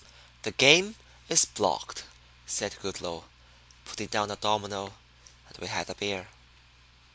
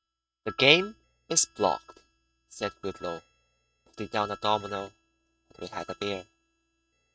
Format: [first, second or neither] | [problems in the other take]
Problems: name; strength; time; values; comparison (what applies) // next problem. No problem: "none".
first | noise reduction (neural mask model RNNoise)